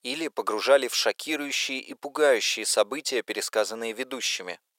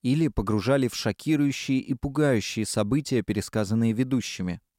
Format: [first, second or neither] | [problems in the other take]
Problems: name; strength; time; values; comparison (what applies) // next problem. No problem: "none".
second | thin; very; fading below 500 Hz